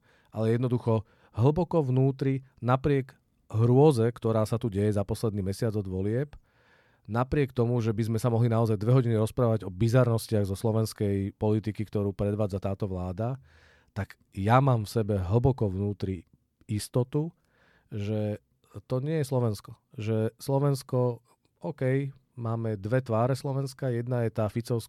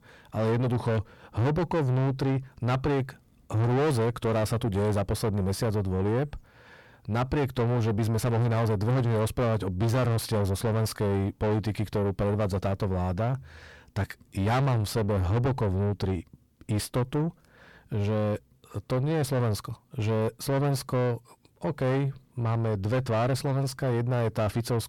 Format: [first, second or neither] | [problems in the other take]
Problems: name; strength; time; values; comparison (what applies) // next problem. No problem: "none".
first | distortion; heavy; 5 dB below the speech